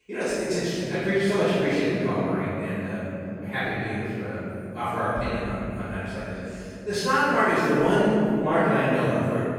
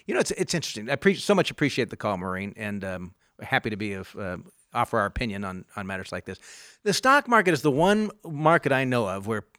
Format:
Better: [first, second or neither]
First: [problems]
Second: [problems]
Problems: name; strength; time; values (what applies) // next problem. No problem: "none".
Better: second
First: off-mic speech; far // room echo; strong; dies away in 3 s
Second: none